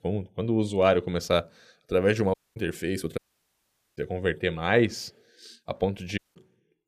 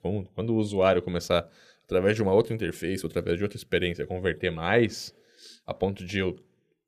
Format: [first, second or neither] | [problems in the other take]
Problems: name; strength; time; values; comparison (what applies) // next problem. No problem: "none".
second | audio cutting out; at 2.5 s, at 3 s for 1 s and at 6 s